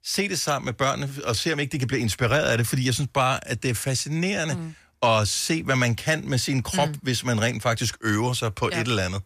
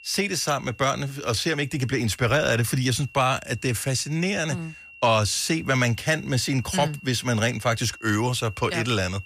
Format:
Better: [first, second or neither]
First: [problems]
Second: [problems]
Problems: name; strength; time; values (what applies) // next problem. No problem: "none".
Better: first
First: none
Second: high-pitched whine; faint; throughout; 2.5 kHz, 20 dB below the speech